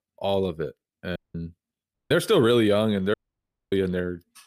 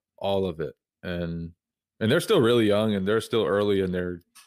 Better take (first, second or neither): second